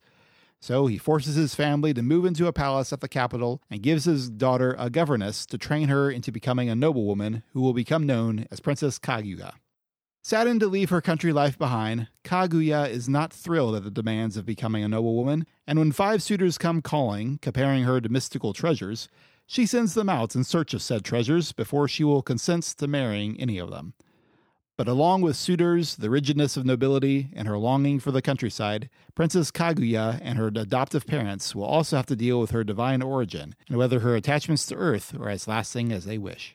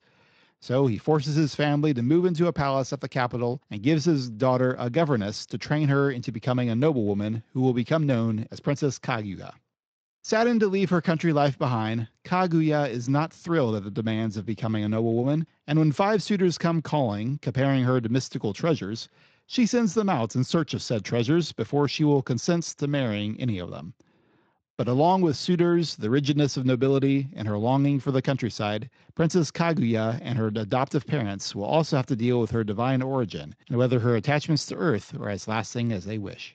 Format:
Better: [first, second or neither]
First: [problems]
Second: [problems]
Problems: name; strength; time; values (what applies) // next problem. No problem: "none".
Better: first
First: none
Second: garbled, watery; slightly